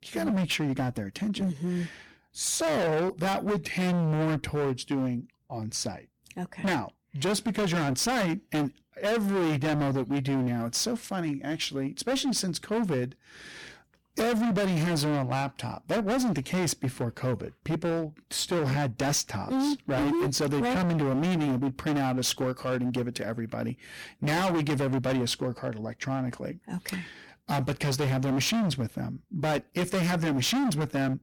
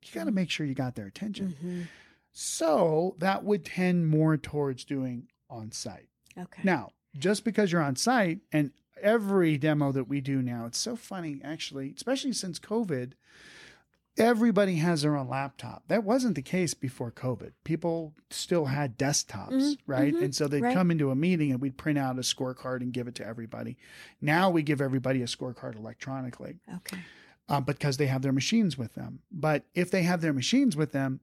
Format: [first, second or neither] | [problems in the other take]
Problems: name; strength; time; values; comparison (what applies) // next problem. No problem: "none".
second | distortion; heavy; 24% of the sound clipped